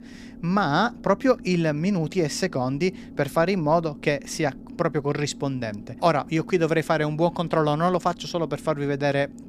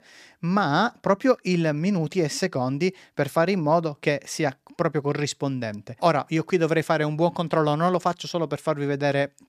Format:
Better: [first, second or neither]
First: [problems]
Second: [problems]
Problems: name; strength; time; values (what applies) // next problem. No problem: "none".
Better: second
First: low rumble; faint; throughout; 25 dB below the speech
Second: none